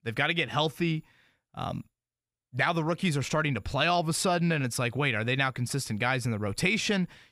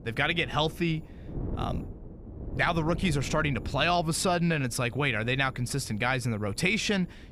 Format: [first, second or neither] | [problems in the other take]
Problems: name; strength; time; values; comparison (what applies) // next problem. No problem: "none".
first | wind noise on the microphone; occasional gusts; 20 dB below the speech